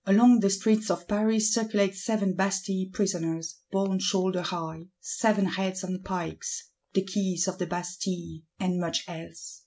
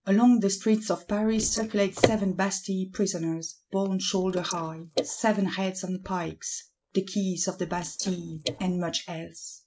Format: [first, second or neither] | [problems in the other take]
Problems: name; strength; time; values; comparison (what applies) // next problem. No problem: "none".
first | noise reduction (neural mask model Resemble Enhance denoiser)